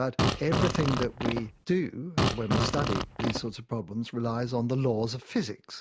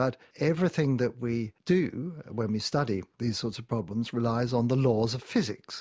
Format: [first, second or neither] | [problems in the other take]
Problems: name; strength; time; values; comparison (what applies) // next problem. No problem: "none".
second | background sound (Fart); 1 dB above the speech